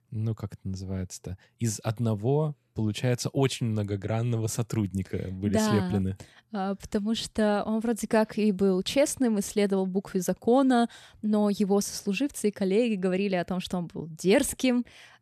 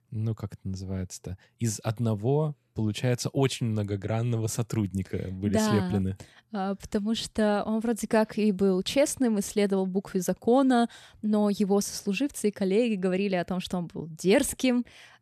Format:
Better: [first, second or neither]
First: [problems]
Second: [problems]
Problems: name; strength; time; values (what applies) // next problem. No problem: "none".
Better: neither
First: none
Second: none